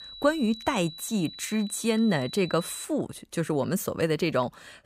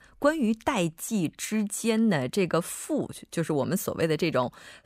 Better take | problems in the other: second | high-pitched whine; noticeable; until 3 s; 4 kHz, 15 dB below the speech

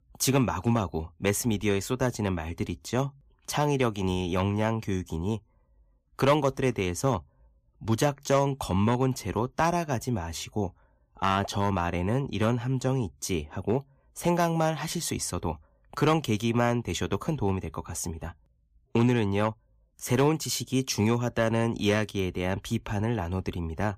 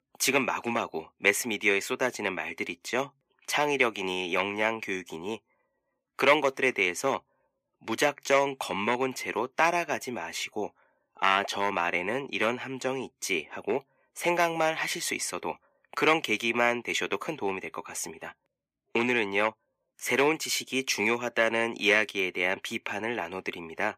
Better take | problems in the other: first | thin; somewhat; fading below 400 Hz

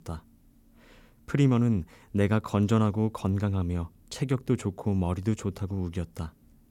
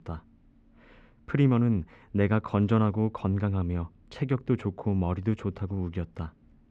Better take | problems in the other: first | muffled; slightly; fading above 2.5 kHz

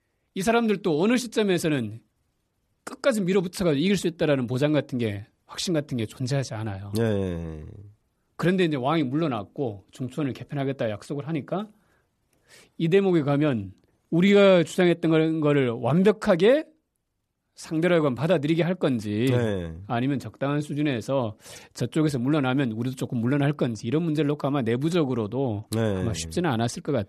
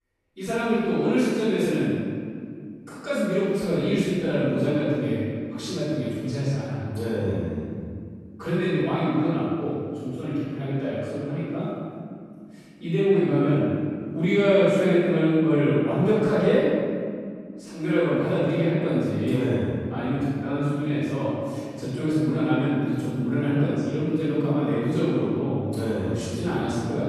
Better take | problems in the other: first | off-mic speech; far // room echo; strong; dies away in 2.2 s

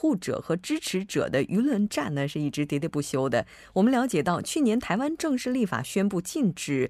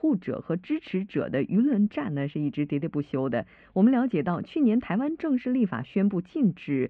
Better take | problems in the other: first | muffled; very; fading above 2.5 kHz

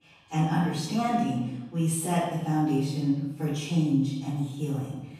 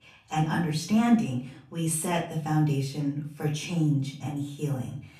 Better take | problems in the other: second | room echo; strong; dies away in 0.9 s; slight in the second // off-mic speech; far; far in the second

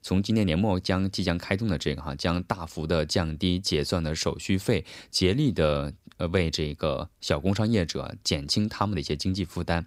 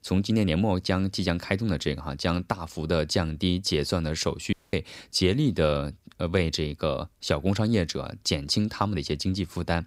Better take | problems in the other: first | audio cutting out; at 4.5 s

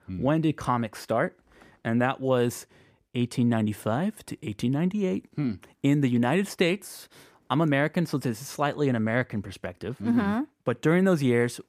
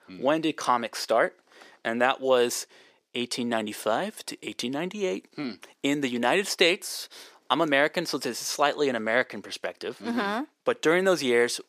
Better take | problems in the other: first | thin; somewhat; fading below 450 Hz

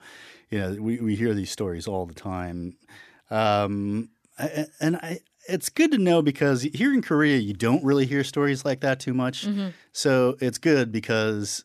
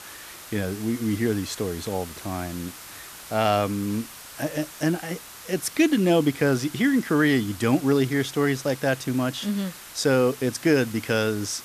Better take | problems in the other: first | hiss; noticeable; throughout; 15 dB below the speech

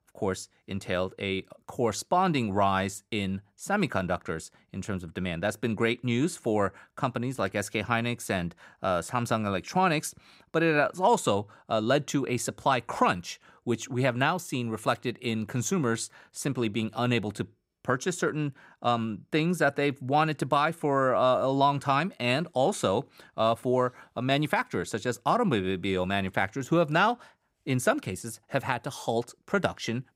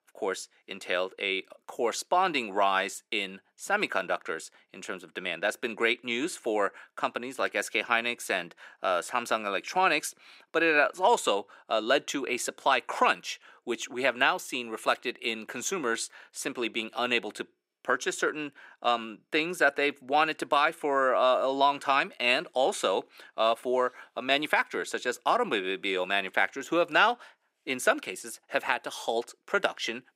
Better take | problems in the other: first | thin; somewhat; fading below 350 Hz

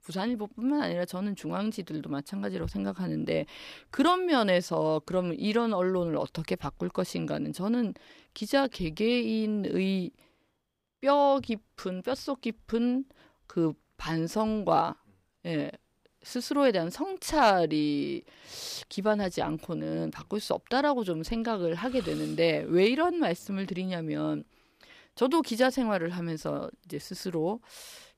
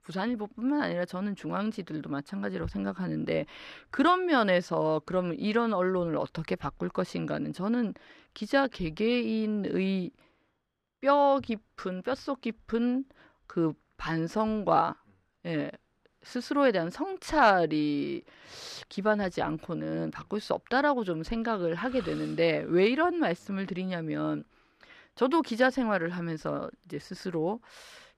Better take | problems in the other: first | muffled; very slightly; fading above 2 kHz

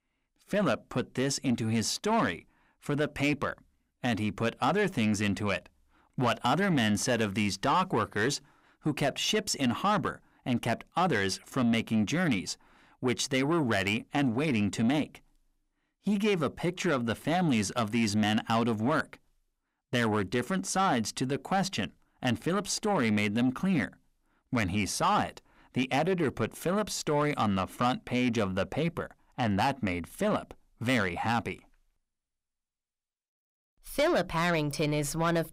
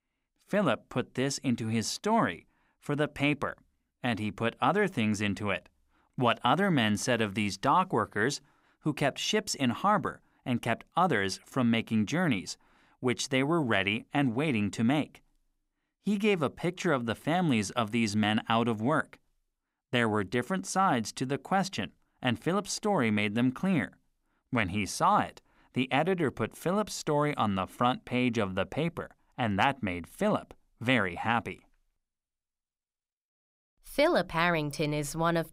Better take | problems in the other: second | distortion; slight; 10 dB below the speech

